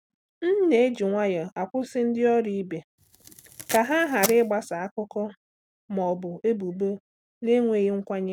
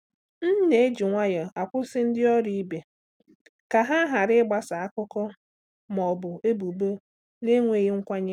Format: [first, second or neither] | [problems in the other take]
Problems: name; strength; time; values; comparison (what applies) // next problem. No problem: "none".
second | background sound (Packing tape, duct tape); 10 dB below the speech